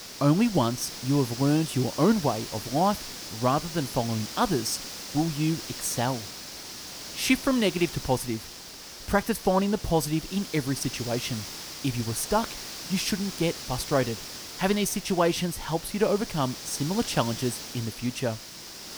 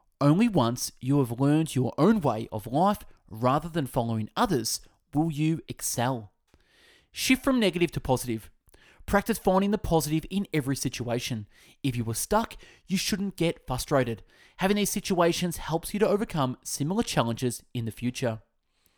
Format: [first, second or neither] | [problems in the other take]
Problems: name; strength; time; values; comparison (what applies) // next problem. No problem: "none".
second | hiss; loud; throughout; 9 dB below the speech